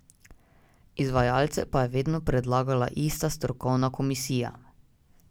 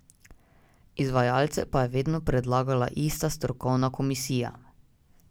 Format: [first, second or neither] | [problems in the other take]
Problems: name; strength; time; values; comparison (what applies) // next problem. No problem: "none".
second | background sound (Bass drum); 17 dB below the speech